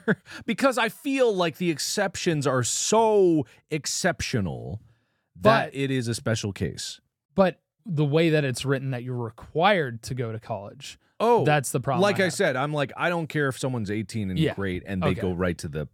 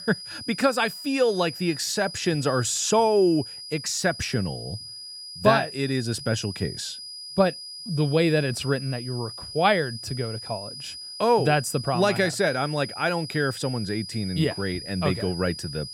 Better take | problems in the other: first | high-pitched whine; noticeable; throughout; 5 kHz, 10 dB below the speech

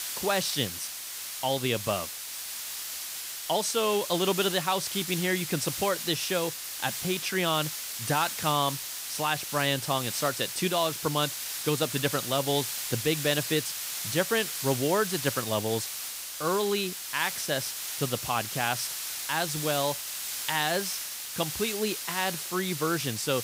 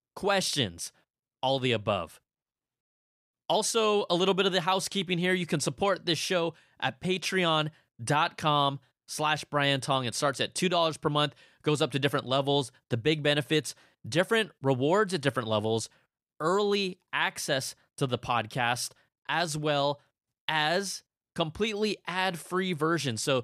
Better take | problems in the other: second | hiss; loud; throughout; 4 dB below the speech

